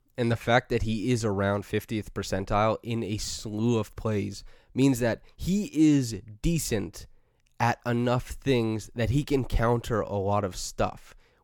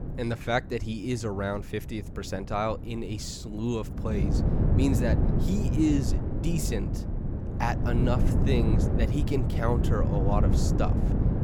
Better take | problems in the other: first | wind noise on the microphone; heavy; 4 dB below the speech

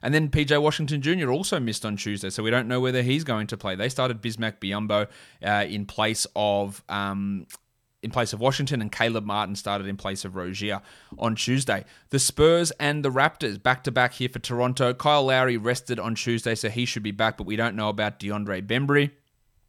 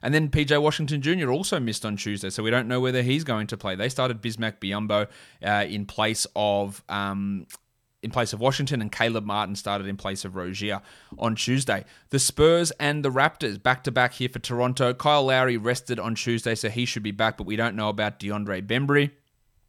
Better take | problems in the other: neither | none

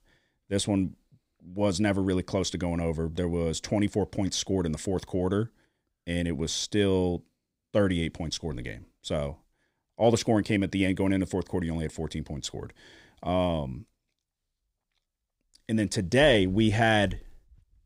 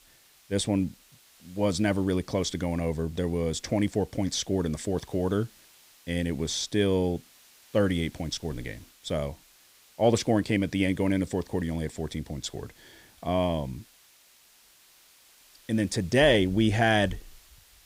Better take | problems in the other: first | hiss; faint; throughout; 25 dB below the speech

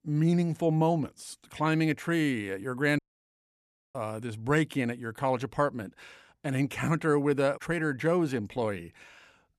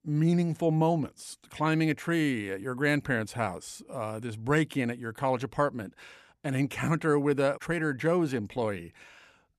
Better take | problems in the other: second | audio cutting out; at 3 s for 1 s

